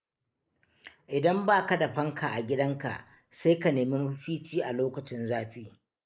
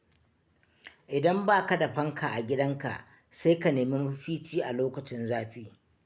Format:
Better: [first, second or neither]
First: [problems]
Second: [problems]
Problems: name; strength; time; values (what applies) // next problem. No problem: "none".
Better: second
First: noise reduction (neural mask model Resemble Enhance denoiser)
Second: none